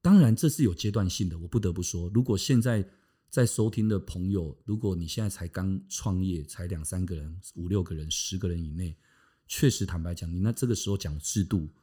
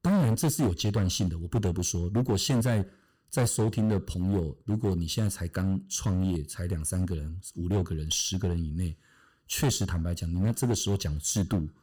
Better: first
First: none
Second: distortion; heavy; 10% of the sound clipped

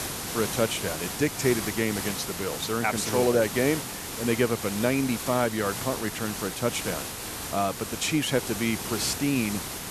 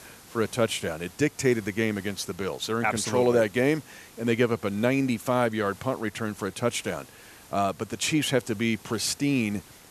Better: second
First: hiss; loud; throughout; 5 dB below the speech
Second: hiss; faint; throughout; 20 dB below the speech

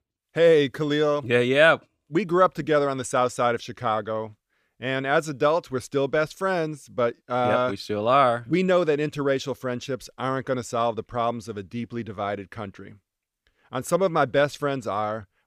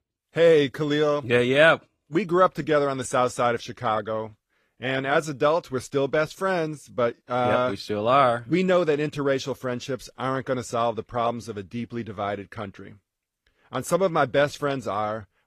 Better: first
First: none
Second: garbled, watery; slightly; nothing above 15 kHz

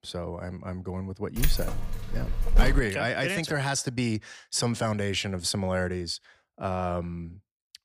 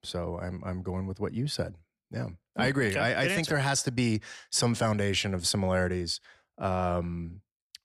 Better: second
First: jangling keys; loud; from 1.5 to 3 s; peak 3 dB above the speech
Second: none

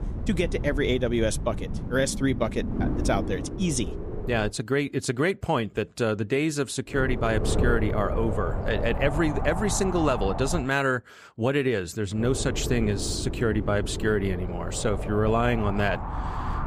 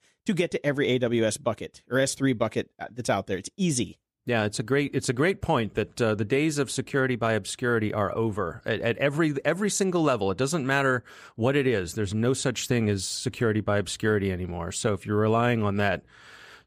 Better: second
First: wind noise on the microphone; heavy; until 4.5 s, from 7 to 11 s and from 12 s on; 9 dB below the speech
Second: none

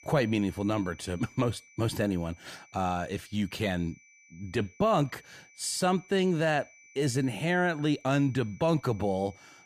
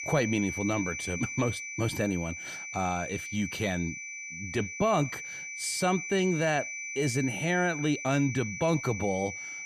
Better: first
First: high-pitched whine; faint; throughout; 2.5 kHz, 25 dB below the speech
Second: high-pitched whine; loud; throughout; 2.5 kHz, 6 dB below the speech

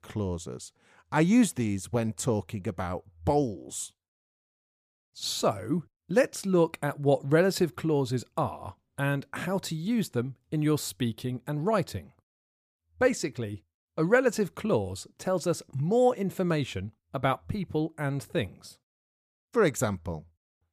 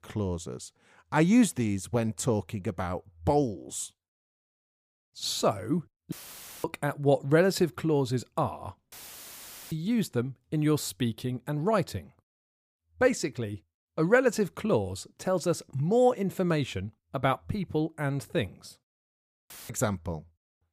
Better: first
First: none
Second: audio cutting out; filled with static; at 6 s for 0.5 s, at 9 s for 1 s and at 20 s

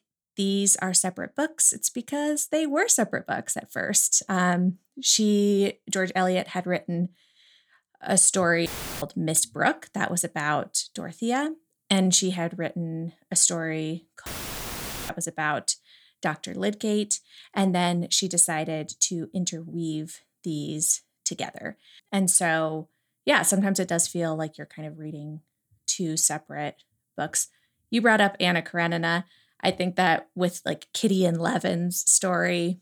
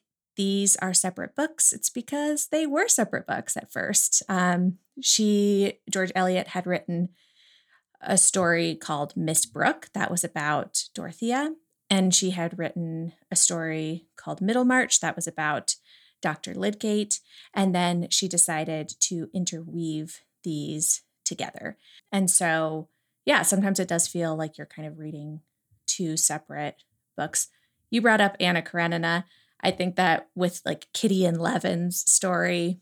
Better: second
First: audio cutting out; filled with static; at 8.5 s and at 14 s for 1 s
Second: none

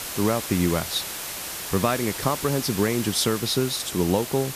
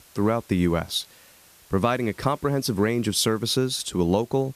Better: second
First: hiss; loud; throughout; 6 dB below the speech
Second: hiss; faint; throughout; 25 dB below the speech

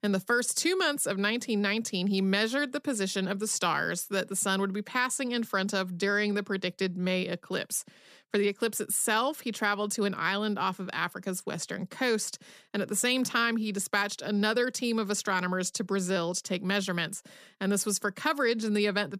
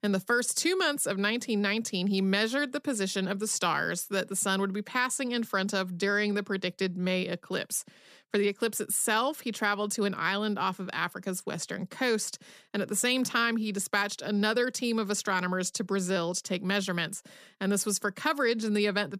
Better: neither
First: none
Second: none

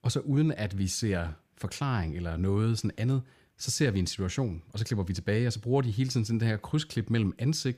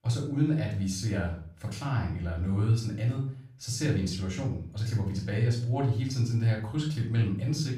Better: first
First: none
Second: off-mic speech; far // room echo; noticeable; dies away in 0.4 s

